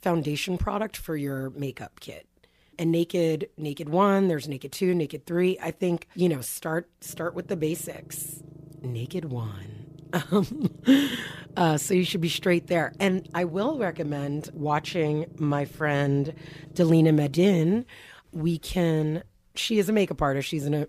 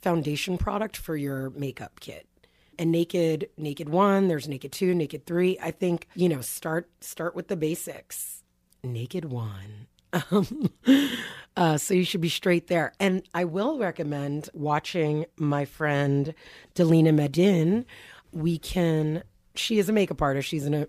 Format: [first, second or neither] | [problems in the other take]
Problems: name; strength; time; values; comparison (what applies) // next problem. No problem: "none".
second | low rumble; faint; from 7 to 18 s; 25 dB below the speech